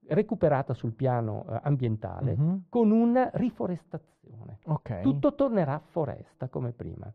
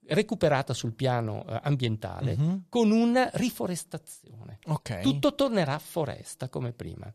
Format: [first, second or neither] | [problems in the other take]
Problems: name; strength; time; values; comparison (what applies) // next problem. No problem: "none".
second | muffled; very; fading above 3 kHz